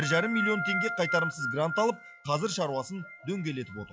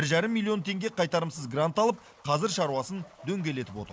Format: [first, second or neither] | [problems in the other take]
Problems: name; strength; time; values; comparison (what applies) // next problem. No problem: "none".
second | noise reduction (classical method log-MMSE)